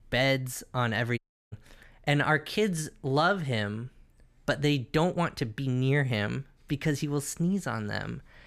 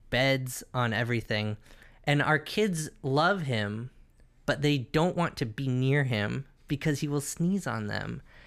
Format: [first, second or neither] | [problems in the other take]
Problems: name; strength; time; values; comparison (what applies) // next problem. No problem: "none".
second | audio cutting out; at 1 s